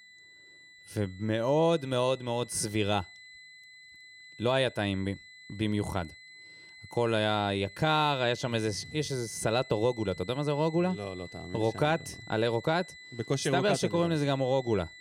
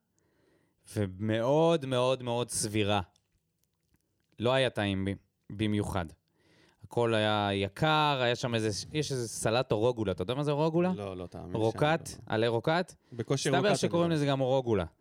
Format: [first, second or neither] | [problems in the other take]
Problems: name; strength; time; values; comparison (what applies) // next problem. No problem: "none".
second | high-pitched whine; noticeable; throughout; 2 kHz, 20 dB below the speech